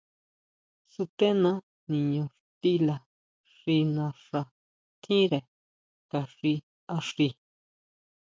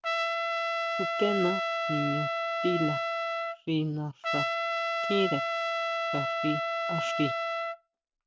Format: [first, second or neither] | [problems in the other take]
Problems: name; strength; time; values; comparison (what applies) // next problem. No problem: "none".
first | background sound (Trumpet); 3 dB above the speech